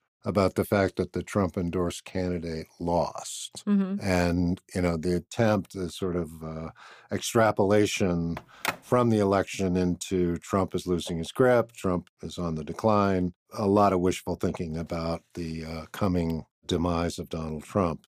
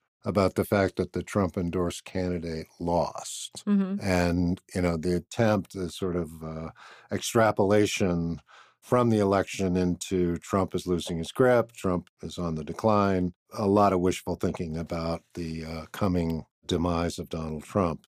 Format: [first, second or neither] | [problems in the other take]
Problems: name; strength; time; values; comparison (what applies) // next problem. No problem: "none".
second | phone ringing; noticeable; at 8.5 s; peak 5 dB below the speech